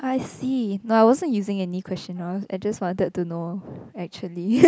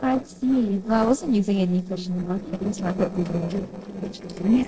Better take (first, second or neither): first